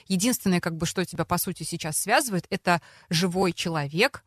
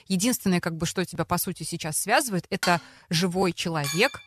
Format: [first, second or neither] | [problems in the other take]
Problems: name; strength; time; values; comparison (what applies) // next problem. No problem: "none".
first | clattering dishes; noticeable; at 2.5 s and at 4 s; peak 6 dB below the speech